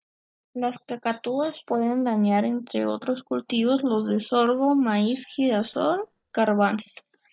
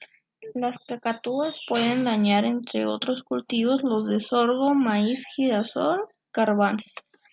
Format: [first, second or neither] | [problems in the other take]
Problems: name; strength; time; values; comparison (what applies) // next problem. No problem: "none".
second | noise reduction (neural mask model DeepFilterNet 3)